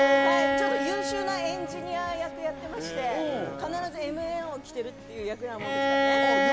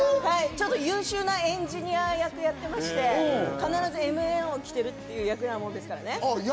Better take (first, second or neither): second